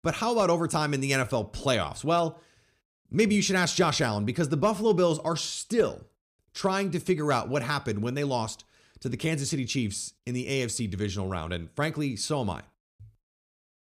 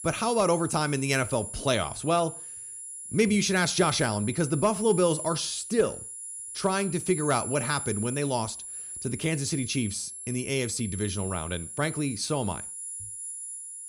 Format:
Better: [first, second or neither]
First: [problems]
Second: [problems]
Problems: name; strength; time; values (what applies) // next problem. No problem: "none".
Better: first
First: none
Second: high-pitched whine; loud; throughout; 10.5 kHz, 8 dB below the speech